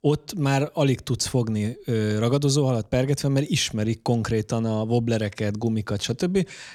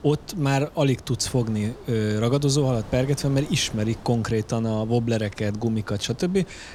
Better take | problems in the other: first | wind noise on the microphone; occasional gusts; 20 dB below the speech

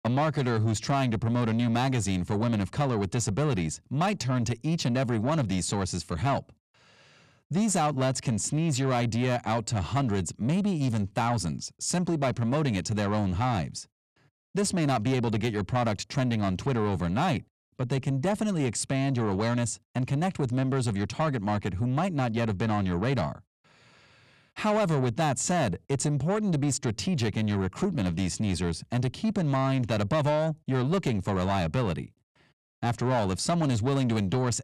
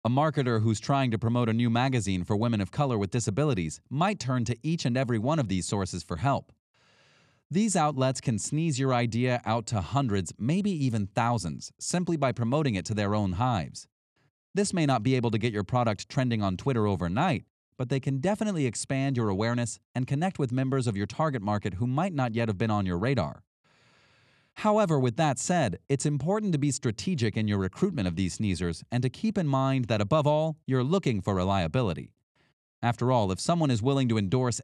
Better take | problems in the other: second | distortion; slight; 10 dB below the speech

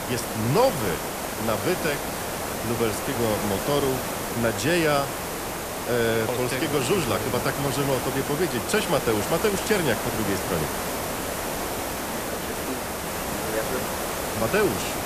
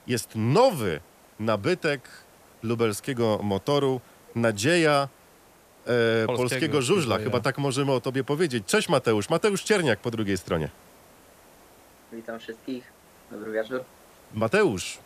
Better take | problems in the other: second | hiss; loud; throughout; 3 dB below the speech; faint in the second

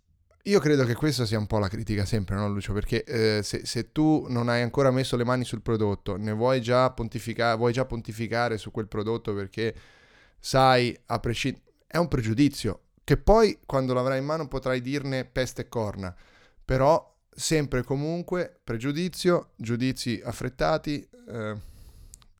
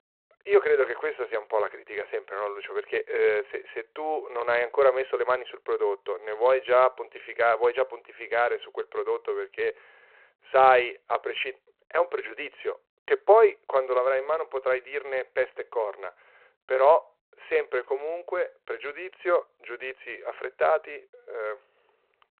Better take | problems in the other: first | phone-call audio; nothing above 4 kHz

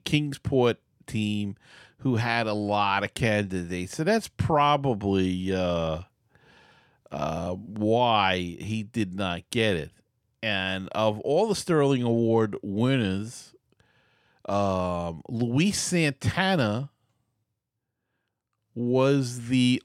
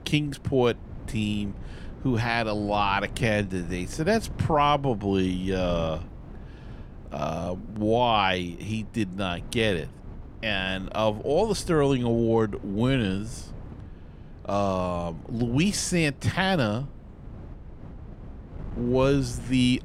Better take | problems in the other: first | wind noise on the microphone; occasional gusts; 25 dB below the speech

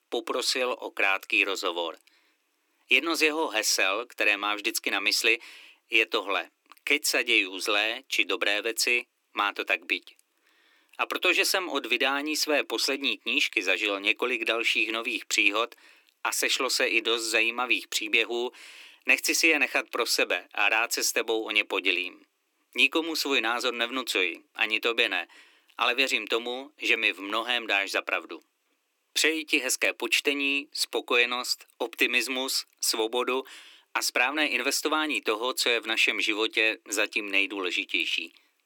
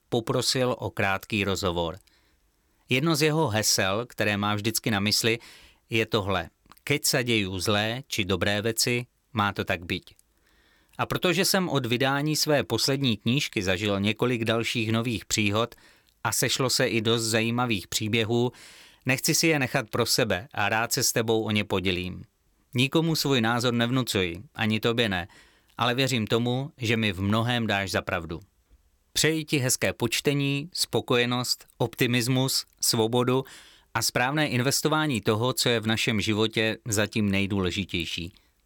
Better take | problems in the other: second | thin; somewhat; fading below 300 Hz

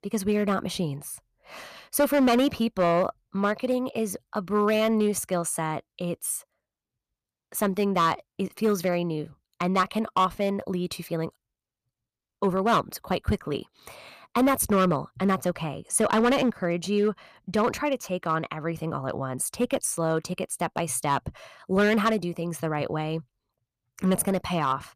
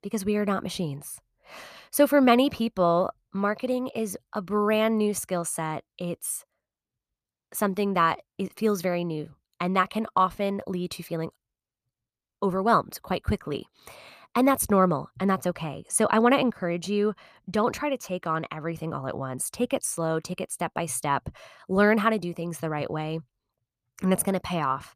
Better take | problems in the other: second | distortion; slight; 3% of the sound clipped

